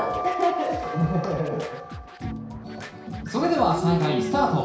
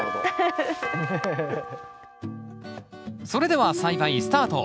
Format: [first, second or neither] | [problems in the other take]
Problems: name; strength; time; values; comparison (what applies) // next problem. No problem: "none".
second | background sound (Scratching (performance technique)); 16 dB below the speech // room echo; dies away in 0.6 s